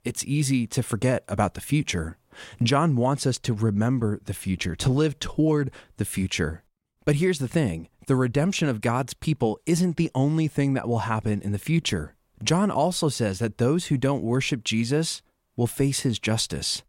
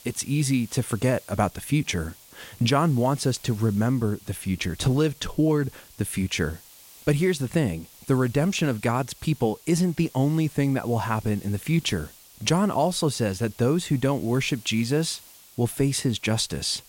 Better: first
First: none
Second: hiss; faint; throughout; 20 dB below the speech

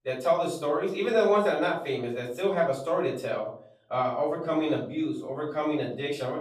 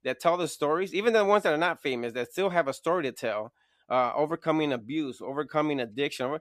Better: second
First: room echo; slight; dies away in 0.4 s // off-mic speech; far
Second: none

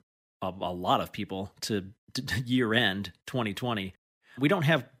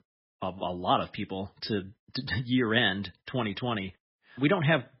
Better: first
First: none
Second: garbled, watery; badly; nothing above 5.5 kHz

